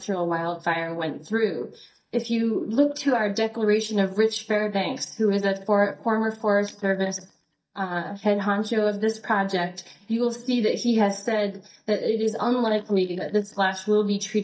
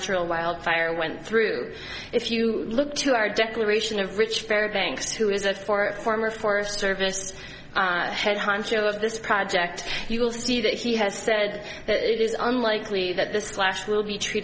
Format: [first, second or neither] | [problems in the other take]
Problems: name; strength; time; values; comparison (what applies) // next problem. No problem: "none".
second | noise reduction (neural mask model DeepFilterNet 3)